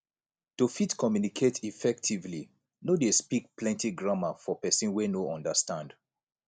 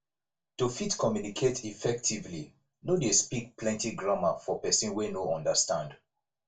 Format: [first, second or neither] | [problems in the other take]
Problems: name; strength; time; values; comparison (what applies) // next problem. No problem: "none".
first | room echo; dies away in 0.2 s